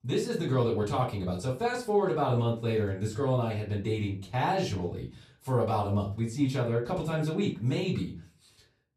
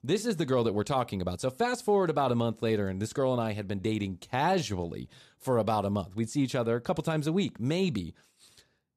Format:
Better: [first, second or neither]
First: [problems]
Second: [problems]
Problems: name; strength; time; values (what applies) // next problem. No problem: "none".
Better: second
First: room echo; slight; dies away in 0.3 s // off-mic speech; far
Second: none